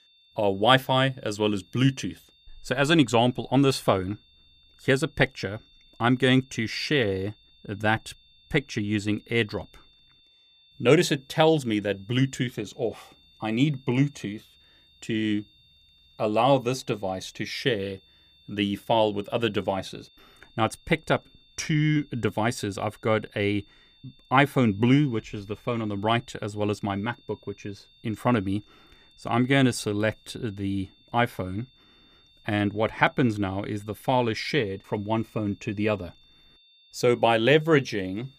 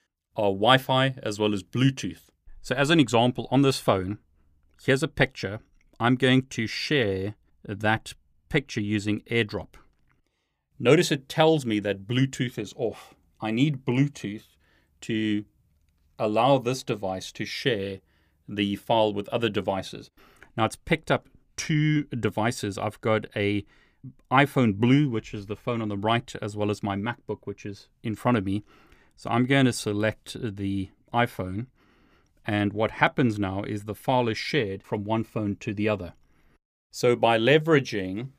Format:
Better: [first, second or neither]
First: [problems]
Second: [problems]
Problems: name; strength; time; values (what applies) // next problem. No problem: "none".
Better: second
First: high-pitched whine; faint; throughout; 3.5 kHz, 30 dB below the speech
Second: none